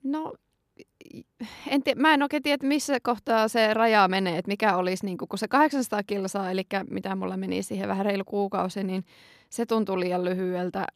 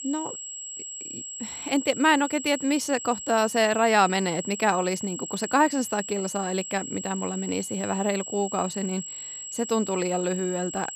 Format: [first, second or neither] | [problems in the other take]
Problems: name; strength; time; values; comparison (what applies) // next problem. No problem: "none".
first | high-pitched whine; loud; throughout; 7.5 kHz, 9 dB below the speech